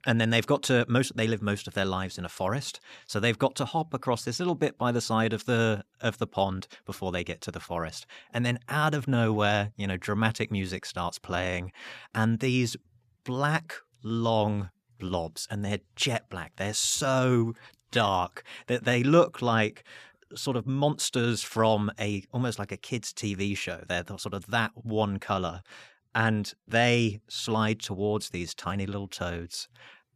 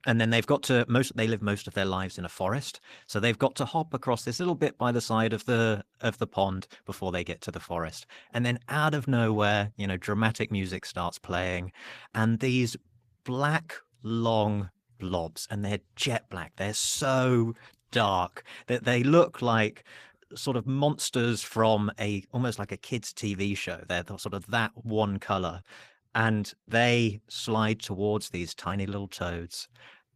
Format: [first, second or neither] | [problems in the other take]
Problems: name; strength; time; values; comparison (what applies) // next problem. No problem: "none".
first | garbled, watery; slightly; nothing above 14.5 kHz